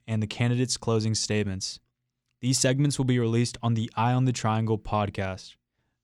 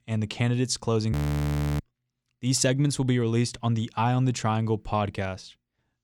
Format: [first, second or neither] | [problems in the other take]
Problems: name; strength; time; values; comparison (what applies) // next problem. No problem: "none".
first | audio freezing; at 1 s for 0.5 s